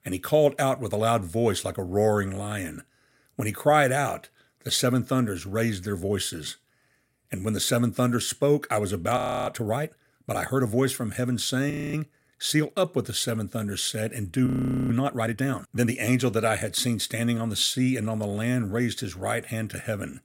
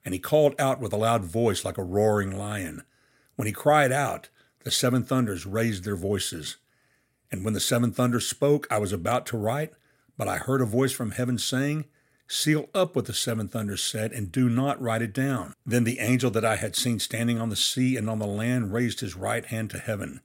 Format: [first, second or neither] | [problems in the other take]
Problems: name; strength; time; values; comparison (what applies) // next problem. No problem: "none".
second | audio freezing; at 9 s, at 12 s and at 14 s